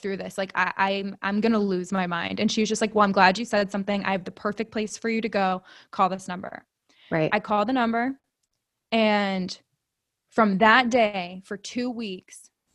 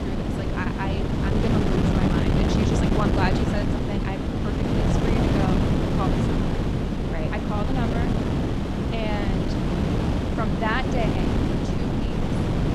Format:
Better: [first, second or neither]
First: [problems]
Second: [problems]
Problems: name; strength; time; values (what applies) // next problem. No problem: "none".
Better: first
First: none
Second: wind noise on the microphone; heavy; 3 dB above the speech